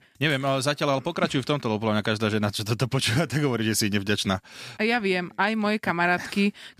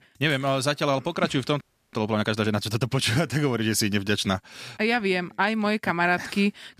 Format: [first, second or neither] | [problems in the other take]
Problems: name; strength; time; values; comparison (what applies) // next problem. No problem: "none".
first | audio freezing; at 1.5 s